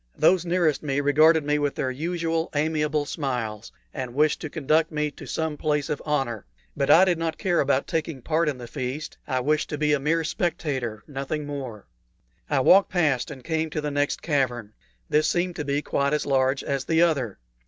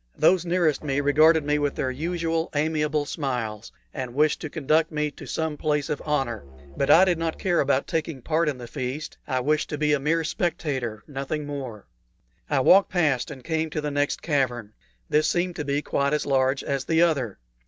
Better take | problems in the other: first | background sound (Musical instrument); 18 dB below the speech

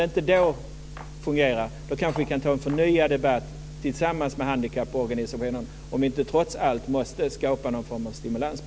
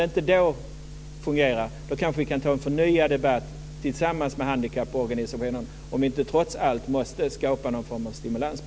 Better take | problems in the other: second | background sound (Cutlery, silverware); 19 dB below the speech

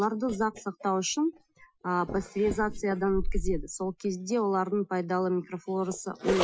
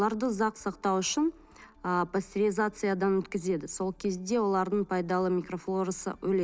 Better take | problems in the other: second | noise reduction (classical method Wiener filter)

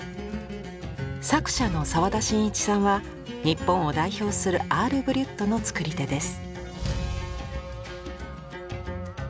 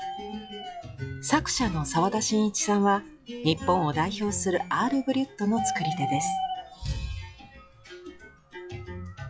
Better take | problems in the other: first | noise reduction (classical method log-MMSE)

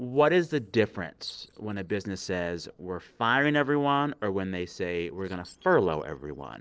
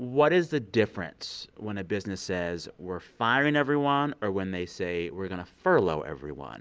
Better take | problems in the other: second | noise reduction (neural separator model SepFormer DNS4)

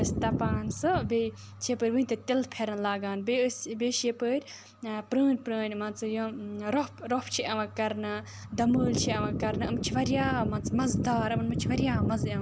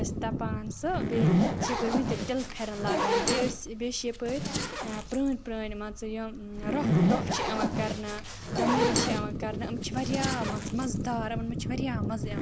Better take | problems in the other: first | background sound (Zipper (clothing)); 1 dB above the speech

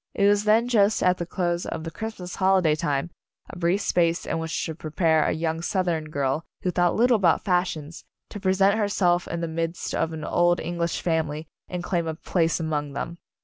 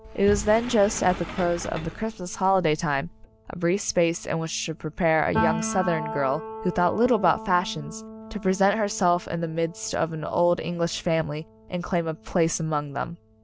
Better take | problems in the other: first | background sound (Piano + Sliding door); 11 dB below the speech

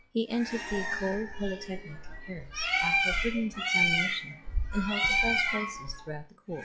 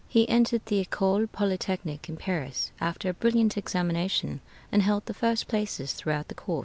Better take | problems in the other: second | noise reduction (classical method log-MMSE)

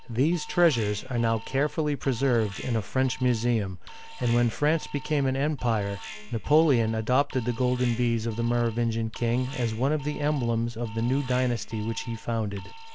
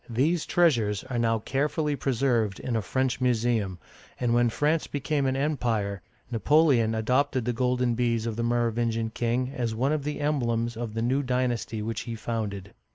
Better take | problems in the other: second | background sound (Alarm); 13 dB below the speech

